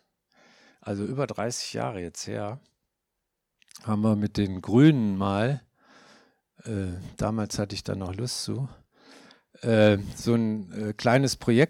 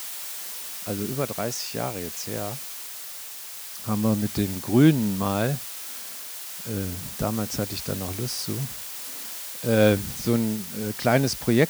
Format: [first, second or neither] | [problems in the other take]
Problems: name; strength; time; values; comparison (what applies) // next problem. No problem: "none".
first | hiss; loud; throughout; 7 dB below the speech